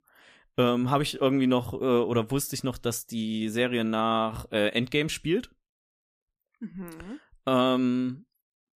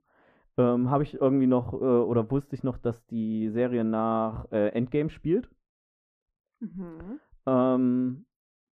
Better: first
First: none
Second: muffled; very; fading above 2.5 kHz

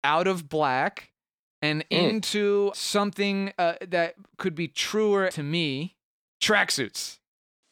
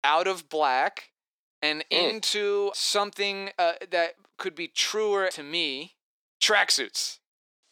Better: first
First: none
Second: thin; very; fading below 350 Hz

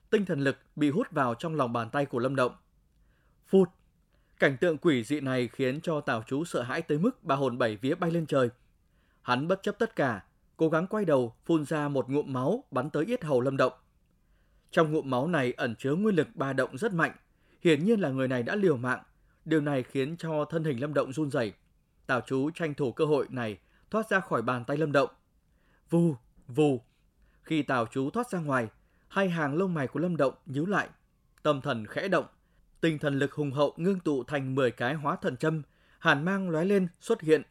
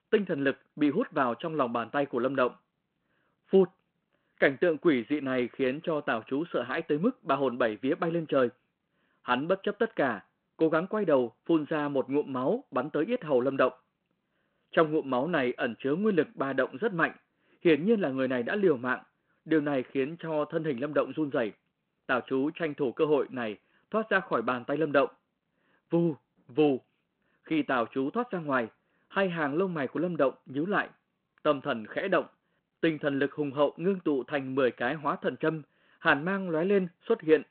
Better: first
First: none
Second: phone-call audio

